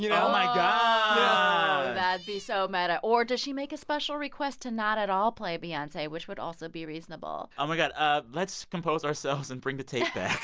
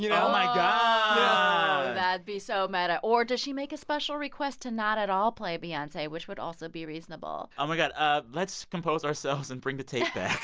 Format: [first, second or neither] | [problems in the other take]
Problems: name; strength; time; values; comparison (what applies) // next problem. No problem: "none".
second | background sound (Cat); 20 dB below the speech